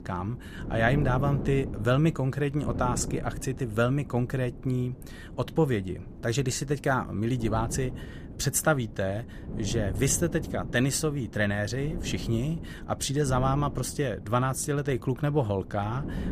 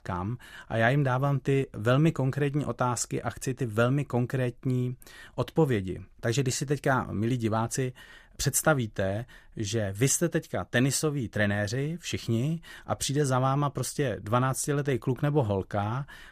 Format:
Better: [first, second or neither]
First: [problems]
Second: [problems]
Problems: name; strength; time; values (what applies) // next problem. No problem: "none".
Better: second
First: wind noise on the microphone; occasional gusts; 15 dB below the speech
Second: none